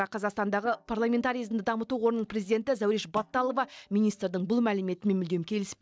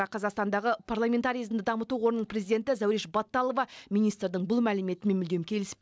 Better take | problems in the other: second | noise reduction (neural mask model DeepFilterNet 3)

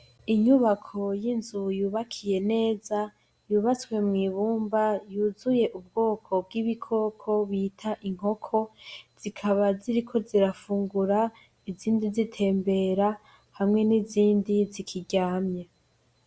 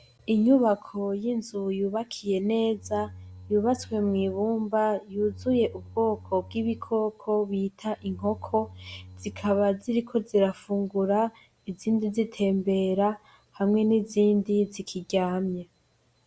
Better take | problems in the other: first | background sound (Bowed string instrument); 19 dB below the speech

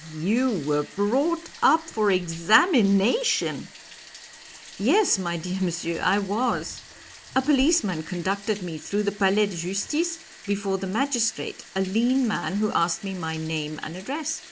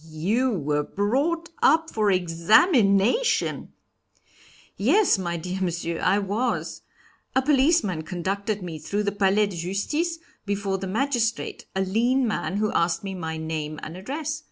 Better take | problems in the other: second | background sound (Bathtub (filling or washing)); 20 dB below the speech

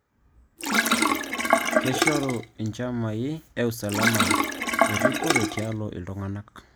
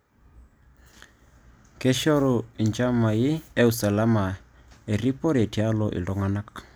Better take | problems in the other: second | background sound (Sink (filling or washing)); 5 dB above the speech

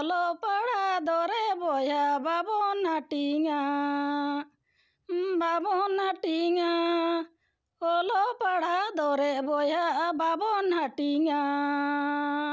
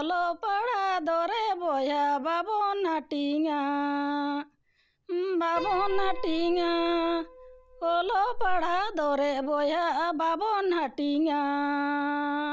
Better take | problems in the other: first | background sound (Piano); 11 dB below the speech

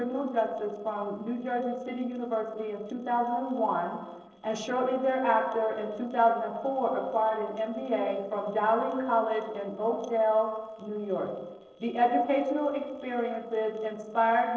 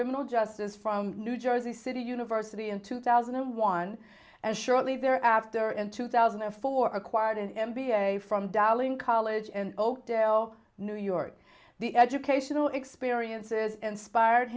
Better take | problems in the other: second | noise reduction (neural separator model SepFormer DNS4)

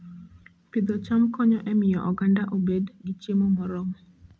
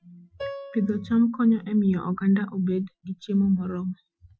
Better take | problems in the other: first | noise reduction (classical method Wiener filter)

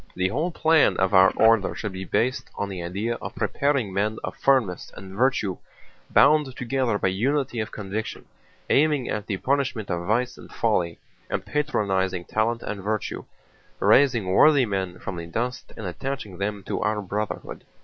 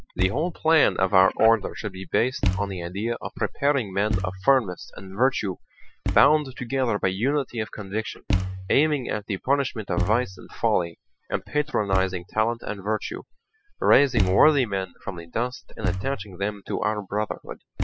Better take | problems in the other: first | noise reduction (classical method spectral subtraction)

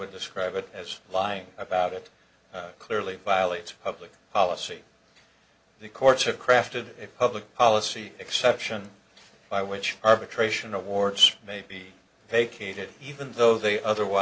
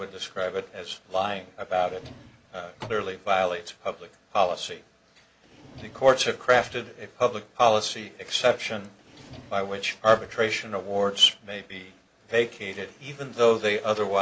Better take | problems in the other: first | background sound (Drawer open or close); 18 dB below the speech

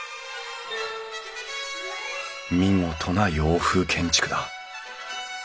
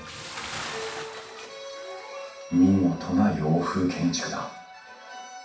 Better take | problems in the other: first | background sound (Bathtub (filling or washing) / Splash, splatter); 16 dB below the speech // room echo; dies away in 0.6 s

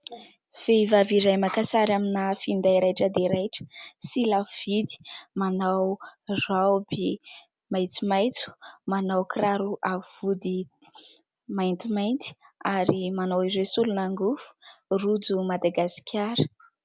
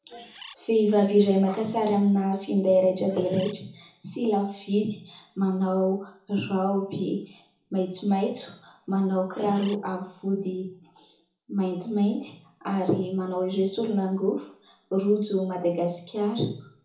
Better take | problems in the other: first | background sound (Bird); 20 dB below the speech // room echo; dies away in 0.7 s

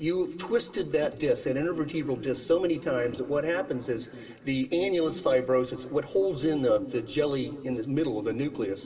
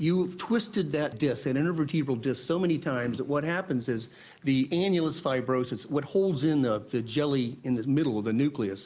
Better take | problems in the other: second | room echo; dies away in 2.6 s

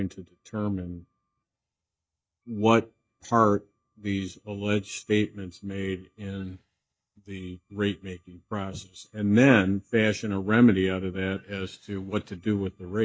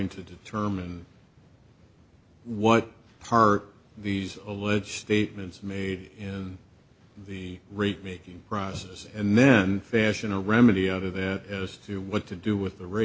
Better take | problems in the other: second | noise reduction (neural mask model DeepFilterNet 3)

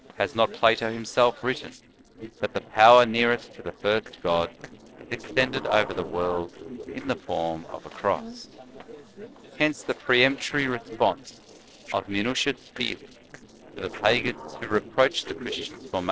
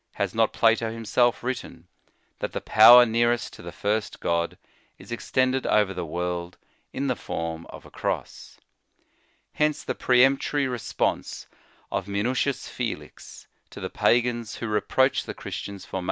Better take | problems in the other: second | noise reduction (neural separator model SepFormer DNS4)

